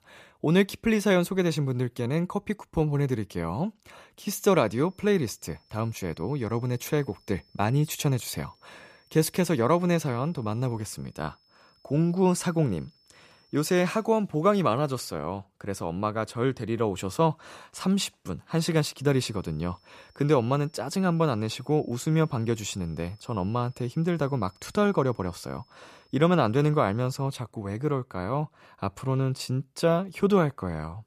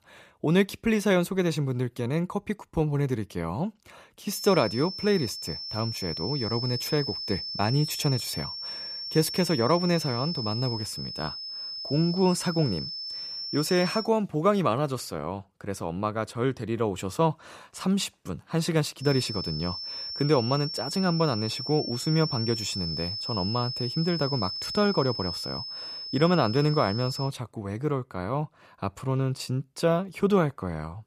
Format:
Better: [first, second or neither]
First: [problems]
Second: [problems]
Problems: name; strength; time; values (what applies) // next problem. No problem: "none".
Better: first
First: high-pitched whine; faint; from 4.5 to 14 s and from 19 to 27 s; 5 kHz, 35 dB below the speech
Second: high-pitched whine; loud; from 4.5 to 14 s and from 19 to 27 s; 5 kHz, 5 dB below the speech